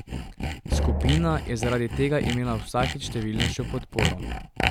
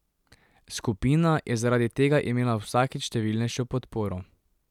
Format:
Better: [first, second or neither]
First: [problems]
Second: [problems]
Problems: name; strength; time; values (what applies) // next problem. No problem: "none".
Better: second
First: background sound (Sawing + Drum); as loud as the speech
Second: none